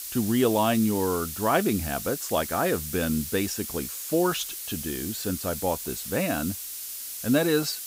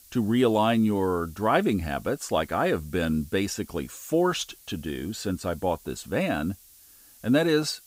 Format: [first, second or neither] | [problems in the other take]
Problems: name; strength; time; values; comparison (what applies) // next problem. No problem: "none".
second | hiss; loud; throughout; 6 dB below the speech; faint in the second